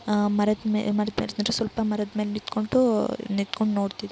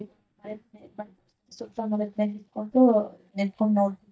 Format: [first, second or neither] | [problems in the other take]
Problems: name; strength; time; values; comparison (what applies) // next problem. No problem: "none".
first | noise reduction (neural mask model DeepFilterNet 3)